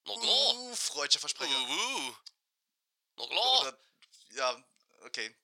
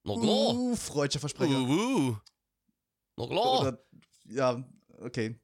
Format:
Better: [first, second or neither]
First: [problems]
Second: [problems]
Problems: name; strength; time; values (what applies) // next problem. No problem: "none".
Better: second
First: thin; very; fading below 850 Hz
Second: none